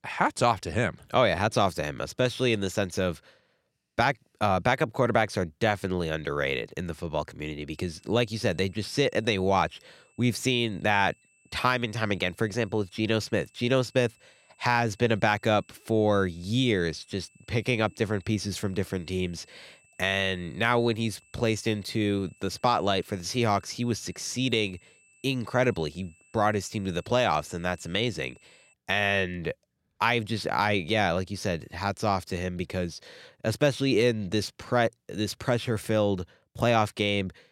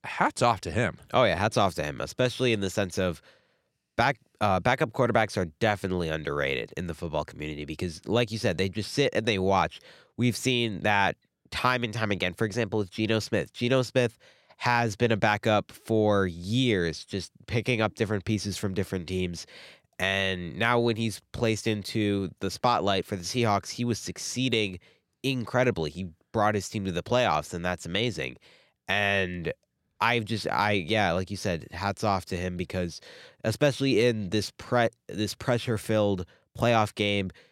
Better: second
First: high-pitched whine; faint; from 7.5 to 29 s; 2.5 kHz, 35 dB below the speech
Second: none

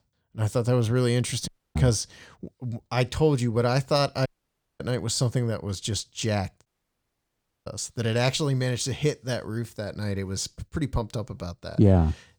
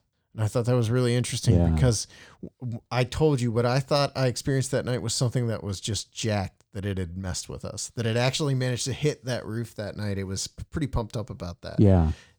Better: second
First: audio cutting out; at 1.5 s, at 4.5 s for 0.5 s and at 6.5 s for 1 s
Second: none

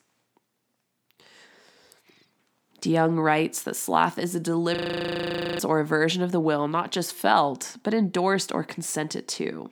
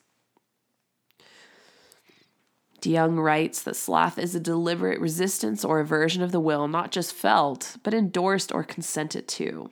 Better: second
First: audio freezing; at 5 s for 1 s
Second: none

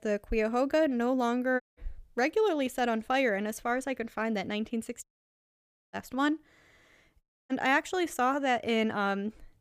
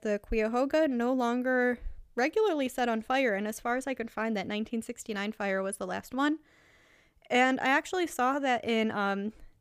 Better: second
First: audio cutting out; at 1.5 s, at 5 s for 1 s and at 7 s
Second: none

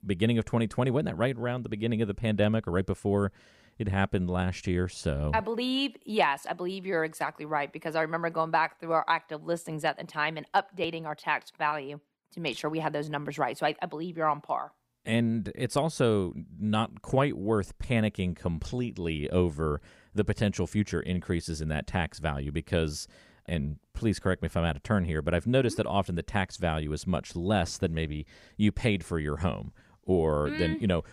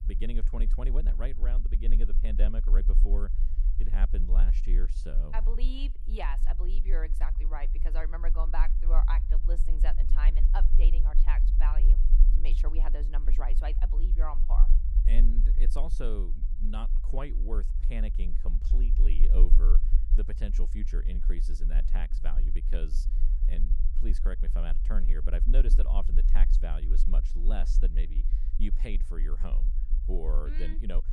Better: first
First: none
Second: low rumble; noticeable; throughout; 10 dB below the speech

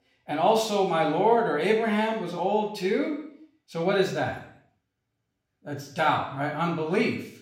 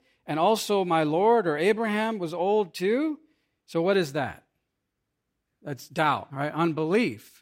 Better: second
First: room echo; noticeable; dies away in 0.6 s // off-mic speech; somewhat distant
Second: none

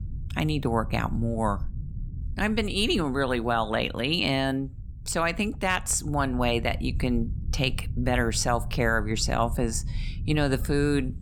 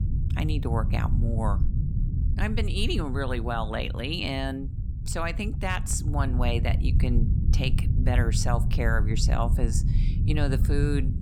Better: first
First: low rumble; faint; throughout; 25 dB below the speech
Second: low rumble; loud; throughout; 10 dB below the speech

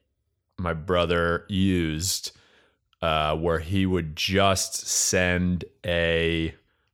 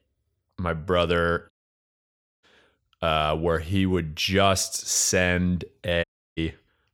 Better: first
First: none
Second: audio cutting out; at 1.5 s for 1 s and at 6 s

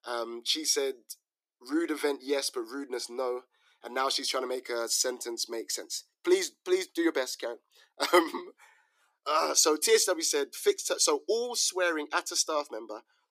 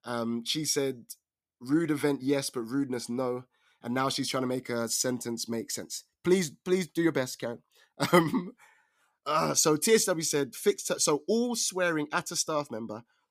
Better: second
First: thin; somewhat; fading below 350 Hz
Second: none

